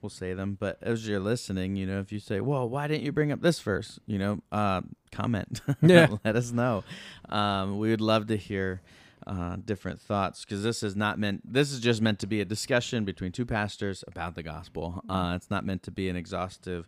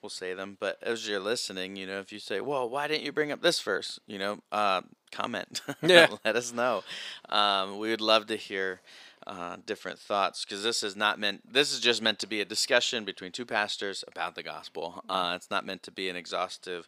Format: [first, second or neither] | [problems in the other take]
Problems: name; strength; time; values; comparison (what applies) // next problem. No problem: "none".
first | thin; somewhat; fading below 450 Hz